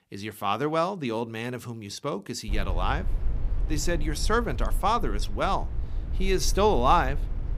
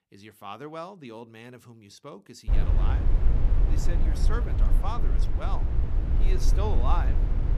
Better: first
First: low rumble; faint; from 2.5 s on; 20 dB below the speech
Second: low rumble; loud; from 2.5 s on; 4 dB below the speech

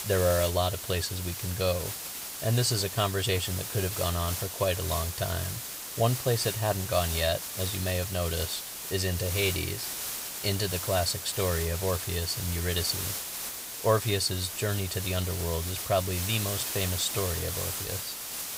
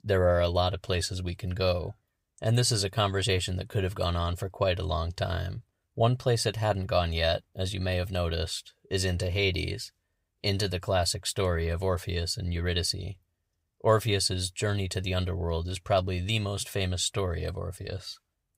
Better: second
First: hiss; loud; throughout; 4 dB below the speech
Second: none

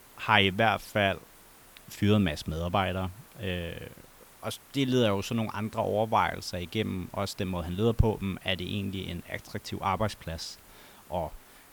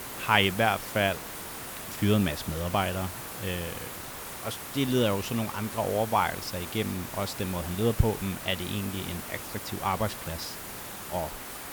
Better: first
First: hiss; faint; throughout; 25 dB below the speech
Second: hiss; loud; throughout; 8 dB below the speech

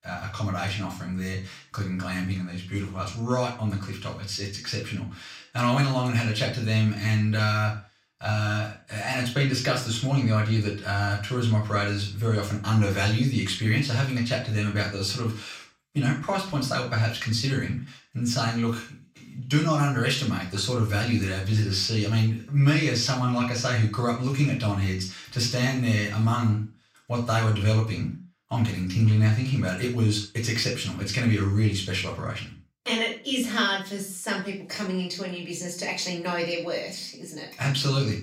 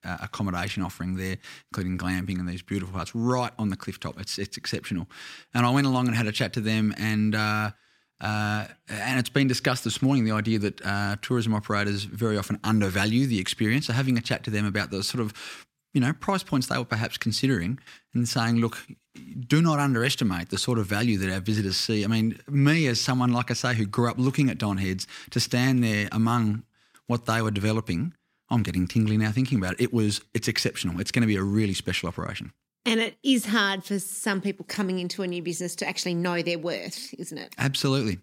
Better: second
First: room echo; noticeable; dies away in 0.3 s // off-mic speech; far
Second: none

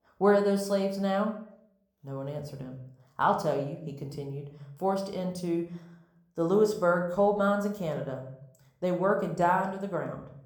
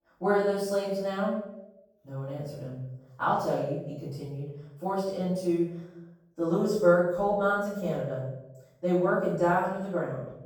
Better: first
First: room echo; slight; dies away in 0.5 s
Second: room echo; strong; dies away in 0.7 s // off-mic speech; far

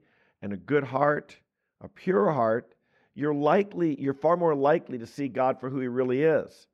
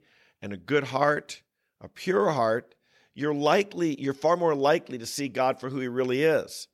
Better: second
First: muffled; very; fading above 3 kHz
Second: none

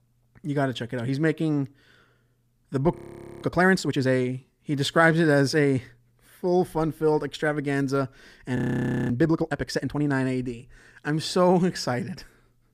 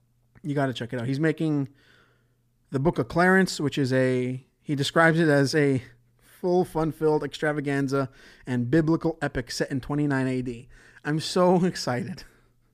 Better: second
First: audio freezing; at 3 s and at 8.5 s for 0.5 s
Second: none

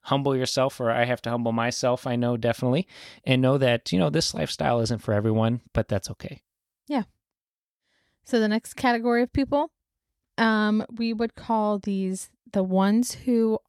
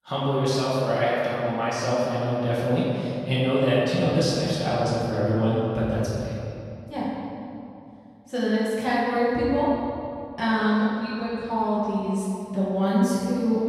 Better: first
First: none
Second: off-mic speech; far // room echo; strong; dies away in 2.5 s

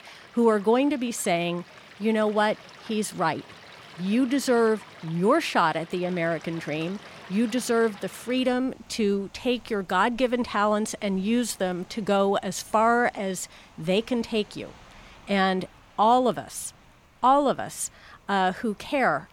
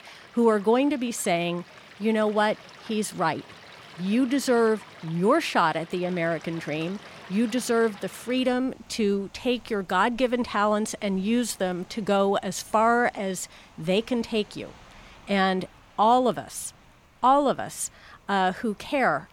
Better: neither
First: rain or running water; faint; throughout; 25 dB below the speech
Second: rain or running water; faint; throughout; 25 dB below the speech

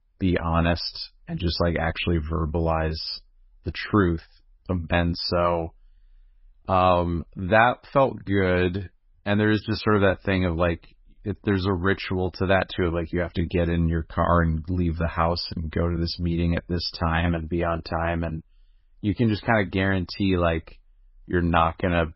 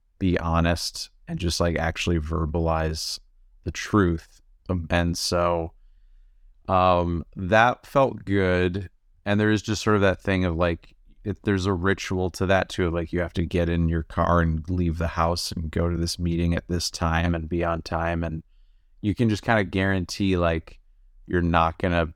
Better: second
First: garbled, watery; badly; nothing above 5.5 kHz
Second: none

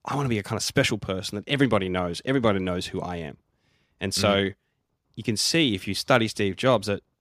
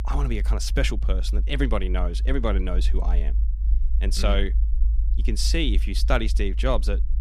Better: first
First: none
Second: low rumble; noticeable; throughout; 20 dB below the speech

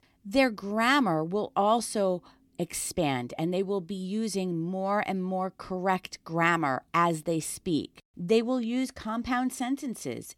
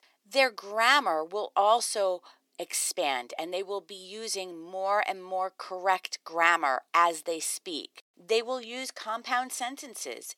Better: first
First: none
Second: thin; very; fading below 500 Hz

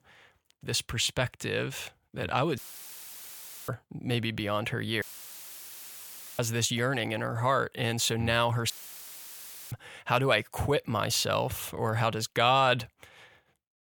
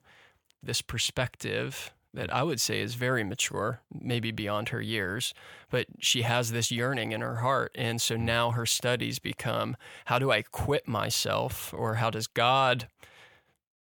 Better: second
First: audio cutting out; filled with static; at 2.5 s for 1 s, at 5 s for 1.5 s and at 8.5 s for 1 s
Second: none

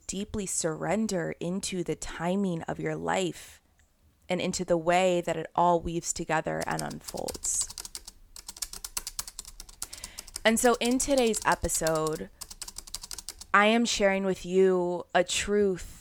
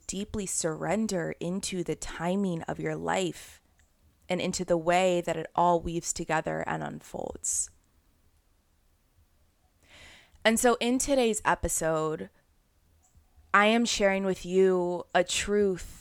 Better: second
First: keyboard typing; noticeable; from 6.5 to 13 s; peak 6 dB below the speech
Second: none

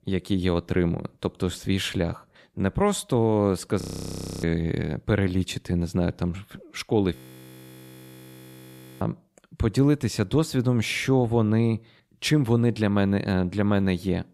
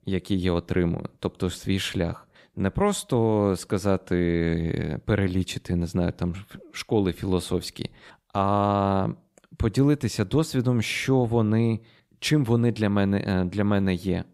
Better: second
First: audio freezing; at 4 s for 0.5 s and at 7 s for 2 s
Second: none

